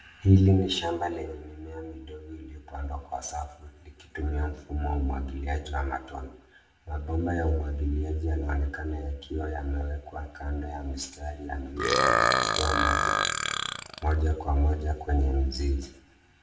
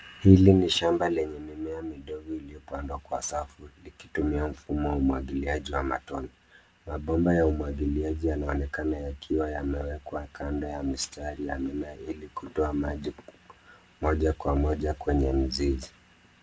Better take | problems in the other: second | background sound (Burping, eructation); 2 dB above the speech // room echo; dies away in 0.5 s

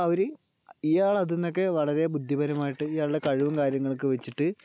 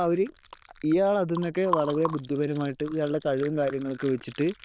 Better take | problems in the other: first | noise reduction (neural diffusion model UNIVERSE++)

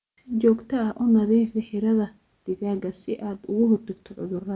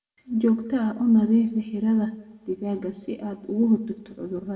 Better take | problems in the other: first | room echo; dies away in 0.9 s

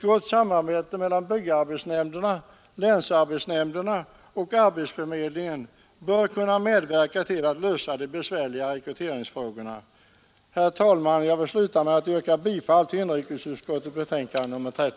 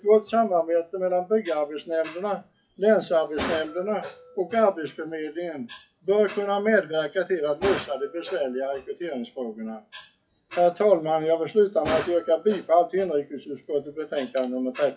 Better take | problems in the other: first | noise reduction (classical method WPE with log-MMSE)

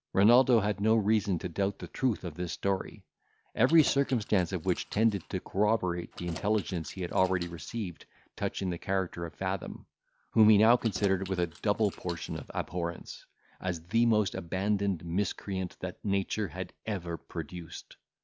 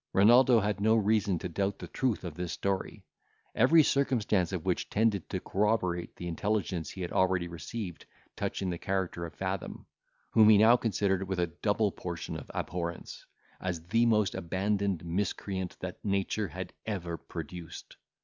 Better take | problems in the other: second | background sound (Keys jangling); 19 dB below the speech

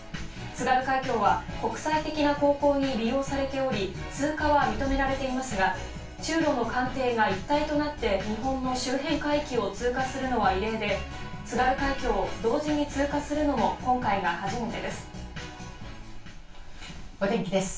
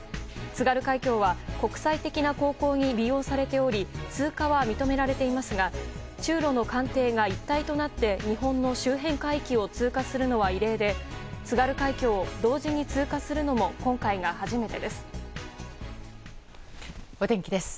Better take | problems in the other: second | room echo; dies away in 0.2 s

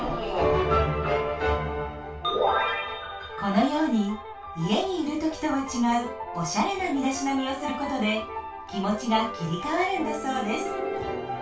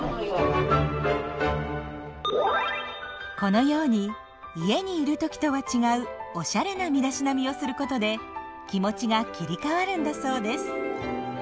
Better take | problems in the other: second | background sound (Brass instrument); 15 dB below the speech // room echo; dies away in 0.2 s

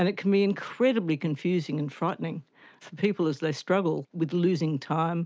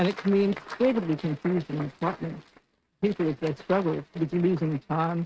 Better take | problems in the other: first | noise reduction (neural mask model RNNoise)

